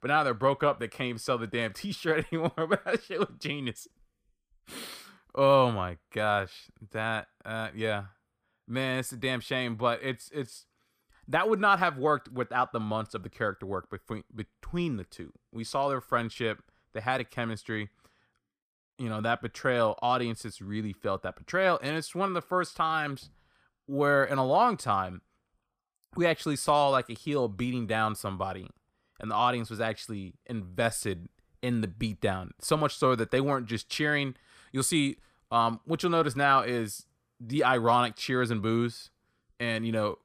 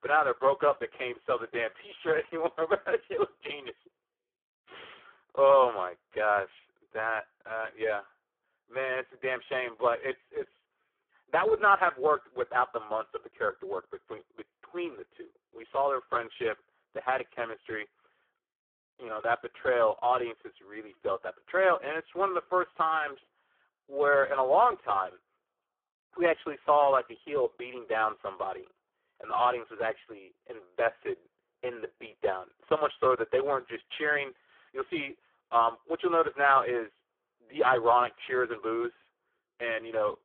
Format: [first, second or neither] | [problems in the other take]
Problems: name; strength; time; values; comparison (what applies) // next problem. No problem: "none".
first | phone-call audio; poor line